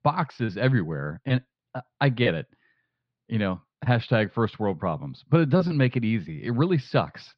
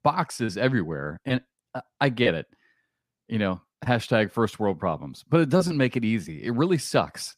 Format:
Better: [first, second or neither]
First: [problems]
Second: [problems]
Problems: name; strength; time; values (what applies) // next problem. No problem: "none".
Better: second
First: muffled; very slightly; fading above 4 kHz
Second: none